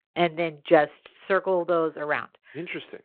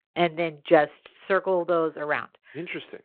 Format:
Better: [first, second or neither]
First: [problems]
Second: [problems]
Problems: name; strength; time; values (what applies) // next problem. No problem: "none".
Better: neither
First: phone-call audio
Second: phone-call audio